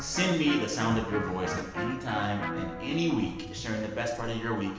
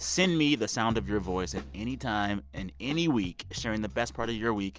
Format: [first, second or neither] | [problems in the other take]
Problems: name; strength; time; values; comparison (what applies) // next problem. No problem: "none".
second | background sound (Electric guitar); 7 dB below the speech // room echo; dies away in 0.9 s